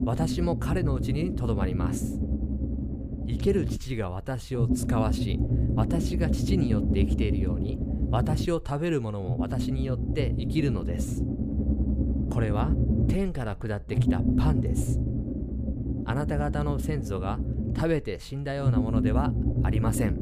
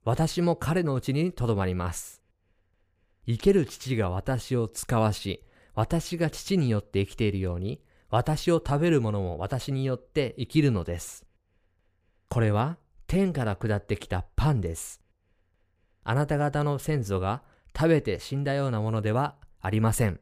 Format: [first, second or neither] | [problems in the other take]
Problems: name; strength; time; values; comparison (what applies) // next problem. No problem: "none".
second | low rumble; loud; throughout; 3 dB below the speech